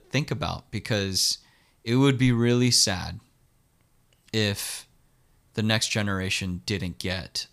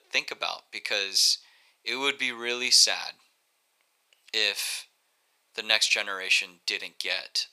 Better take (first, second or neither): first